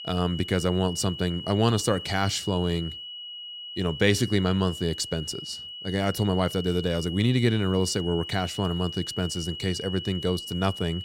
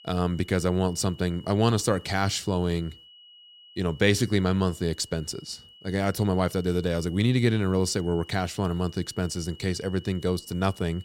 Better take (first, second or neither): second